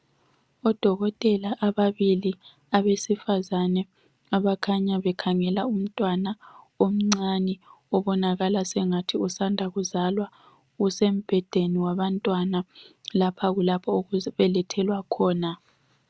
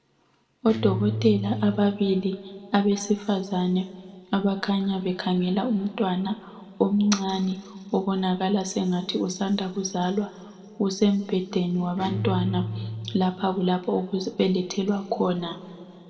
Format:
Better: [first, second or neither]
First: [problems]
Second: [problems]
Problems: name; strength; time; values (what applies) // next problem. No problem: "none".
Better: first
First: none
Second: background sound (Guitar); 8 dB below the speech // room echo; dies away in 1.7 s